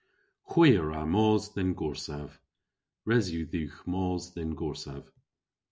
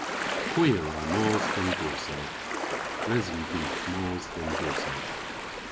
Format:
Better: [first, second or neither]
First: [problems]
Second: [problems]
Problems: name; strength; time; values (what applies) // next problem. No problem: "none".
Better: first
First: none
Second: background sound (Ocean); 1 dB below the speech